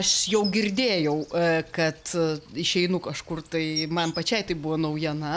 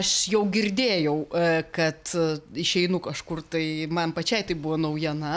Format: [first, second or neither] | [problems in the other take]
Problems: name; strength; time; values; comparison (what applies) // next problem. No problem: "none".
second | background sound (Insect); 14 dB below the speech